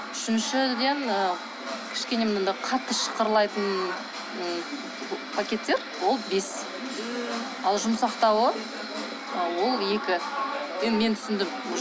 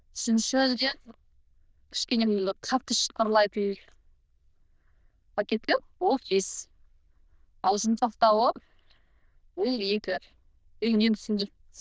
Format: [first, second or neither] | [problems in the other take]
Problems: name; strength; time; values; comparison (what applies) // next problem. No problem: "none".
first | noise reduction (neural diffusion model UNIVERSE++)